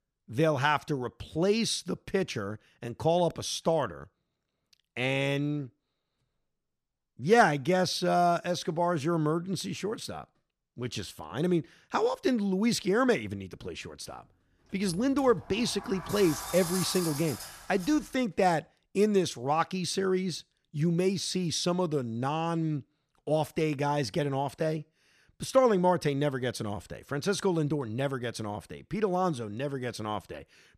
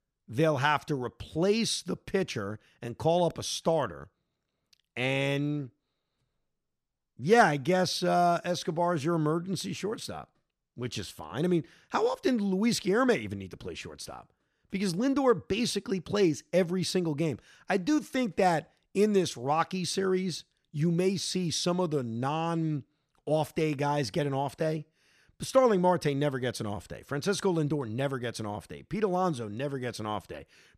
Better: second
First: door banging; noticeable; from 15 to 18 s; peak 4 dB below the speech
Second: none

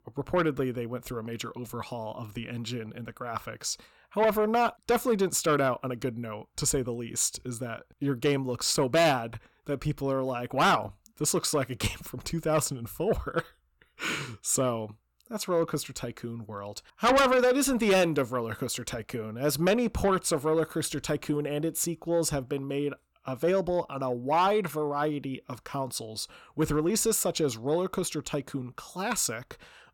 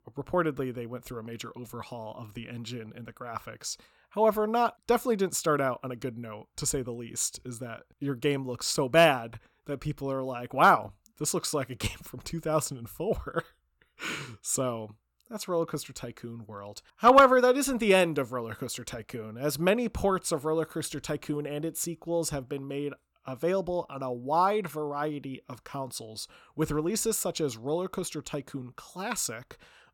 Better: second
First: distortion; heavy; 7 dB below the speech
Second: none

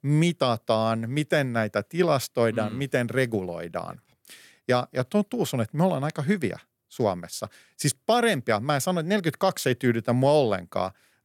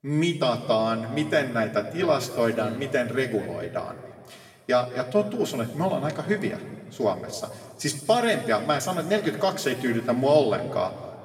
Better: first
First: none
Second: room echo; noticeable; dies away in 2 s // off-mic speech; far

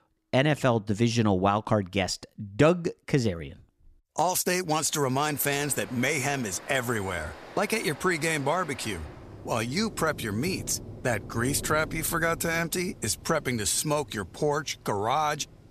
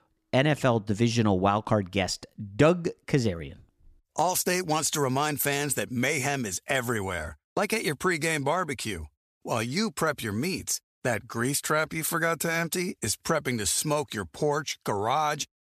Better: second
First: rain or running water; noticeable; from 5 s on; 15 dB below the speech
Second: none

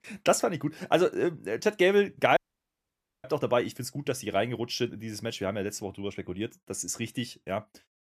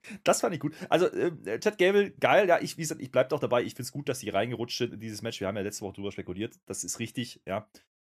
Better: second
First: audio cutting out; at 2.5 s for 1 s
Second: none

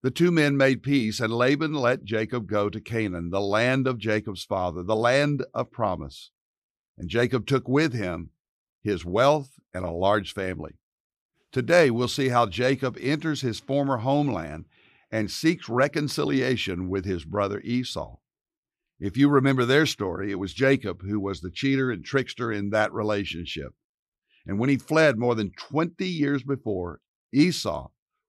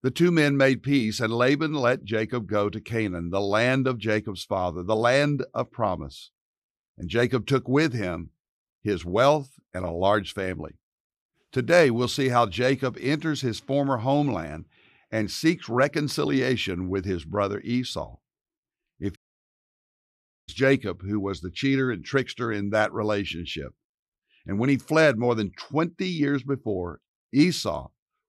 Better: first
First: none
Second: audio cutting out; at 19 s for 1.5 s

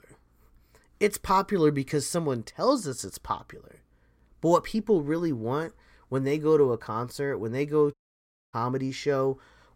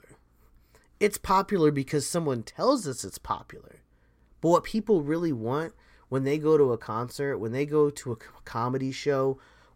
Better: second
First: audio cutting out; at 8 s for 0.5 s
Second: none

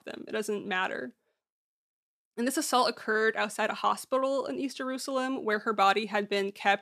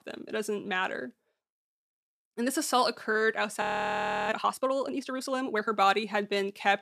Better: first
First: none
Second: audio freezing; at 3.5 s for 0.5 s

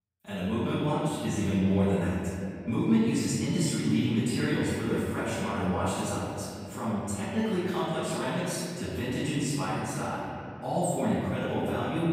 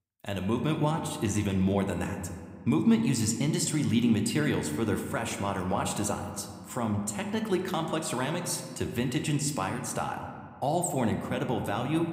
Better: second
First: room echo; strong; dies away in 2.8 s // off-mic speech; far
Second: room echo; slight; dies away in 1.6 s

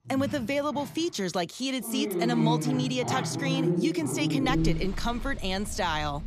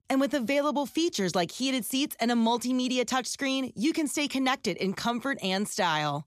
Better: second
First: animal sounds; loud; throughout; 1 dB below the speech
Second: none

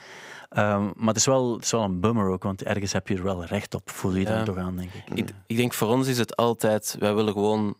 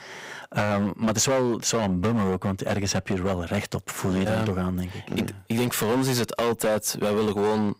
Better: first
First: none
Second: distortion; heavy; 13% of the sound clipped

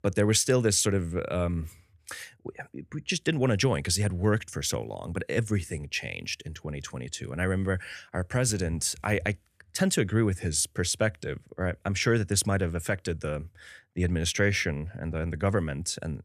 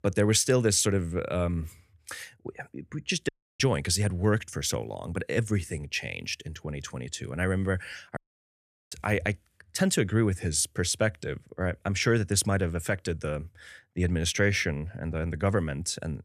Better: first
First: none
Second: audio cutting out; at 3.5 s and at 8 s for 0.5 s

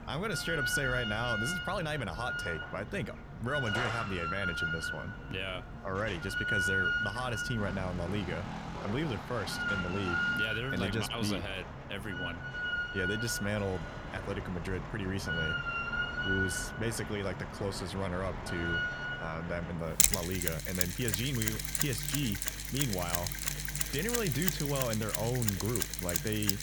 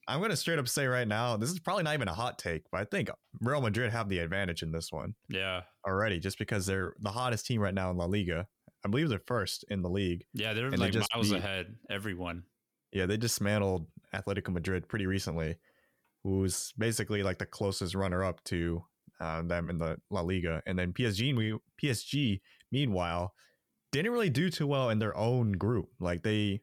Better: second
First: machinery noise; very loud; throughout; 2 dB above the speech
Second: none

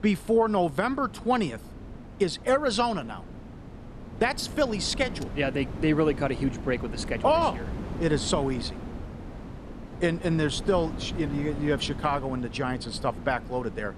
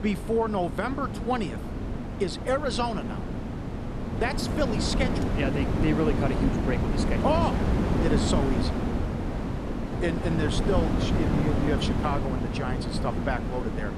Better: first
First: wind noise on the microphone; occasional gusts; 15 dB below the speech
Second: wind noise on the microphone; heavy; 3 dB below the speech

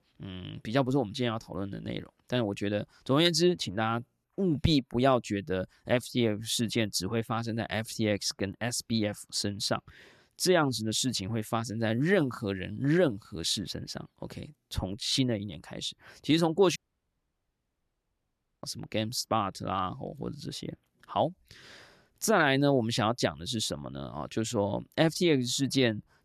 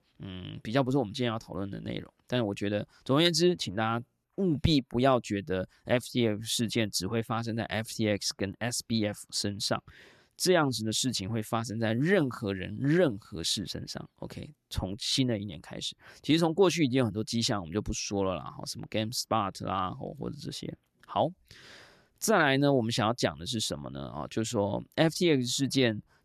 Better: second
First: audio cutting out; at 17 s for 2 s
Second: none

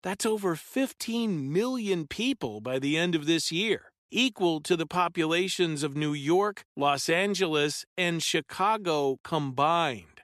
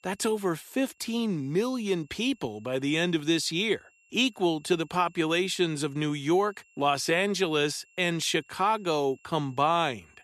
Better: first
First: none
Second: high-pitched whine; faint; throughout; 2.5 kHz, 35 dB below the speech

